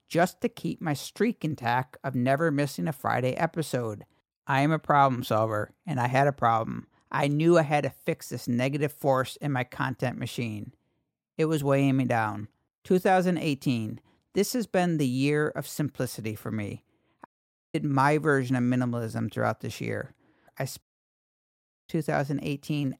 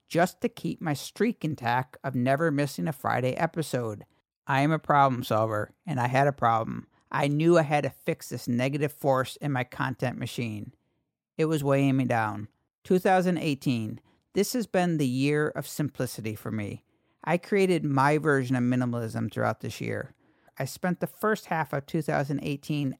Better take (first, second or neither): second